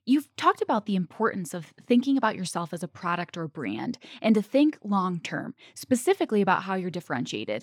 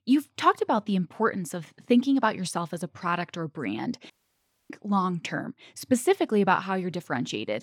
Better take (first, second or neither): first